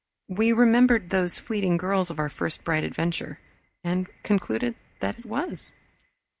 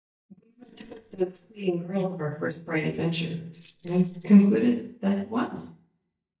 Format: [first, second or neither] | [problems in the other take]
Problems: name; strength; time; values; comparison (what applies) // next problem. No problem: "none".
first | noise reduction (neural mask model DeepFilterNet 3)